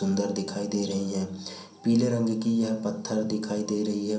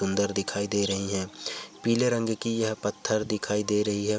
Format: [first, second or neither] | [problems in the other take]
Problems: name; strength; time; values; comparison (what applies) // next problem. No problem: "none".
second | room echo; dies away in 0.6 s